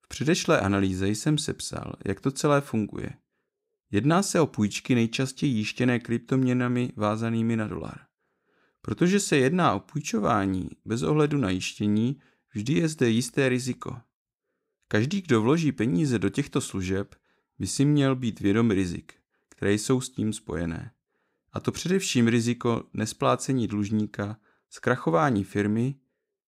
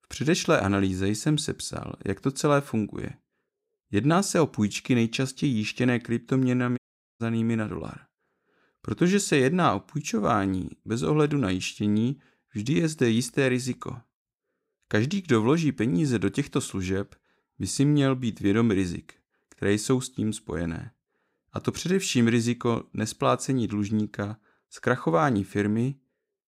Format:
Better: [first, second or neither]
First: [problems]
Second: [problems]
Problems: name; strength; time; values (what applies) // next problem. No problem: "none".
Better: first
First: none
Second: audio cutting out; at 7 s